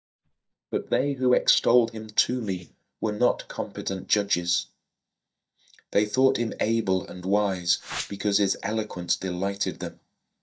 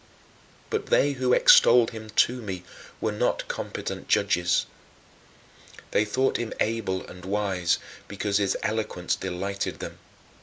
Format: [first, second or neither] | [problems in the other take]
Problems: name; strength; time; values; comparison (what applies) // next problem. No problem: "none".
second | noise reduction (neural mask model DeepFilterNet 3)